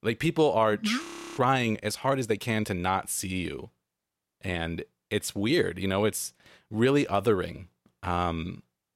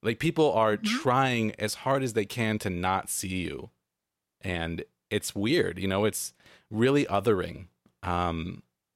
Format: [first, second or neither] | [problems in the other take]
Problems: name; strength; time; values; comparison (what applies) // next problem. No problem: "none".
second | audio freezing; at 1 s